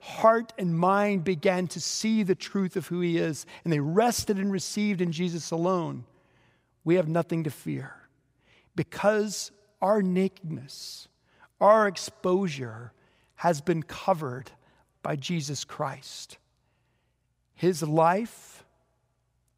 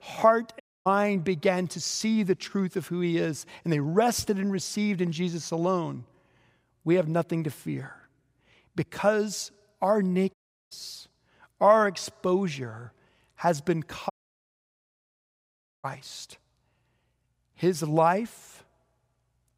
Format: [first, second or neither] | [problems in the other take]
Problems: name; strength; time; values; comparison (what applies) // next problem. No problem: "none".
first | audio cutting out; at 0.5 s, at 10 s and at 14 s for 1.5 s